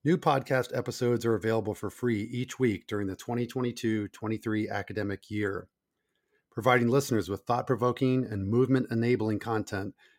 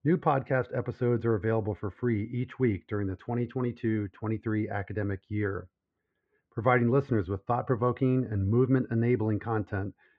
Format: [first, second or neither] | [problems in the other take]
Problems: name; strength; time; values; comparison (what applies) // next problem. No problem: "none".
first | muffled; very; fading above 2 kHz